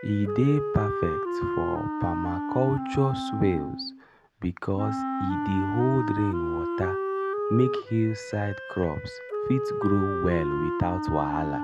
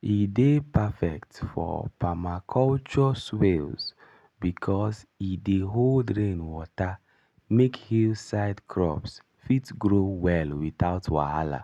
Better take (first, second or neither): second